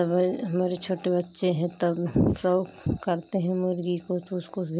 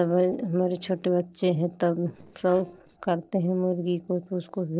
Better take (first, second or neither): first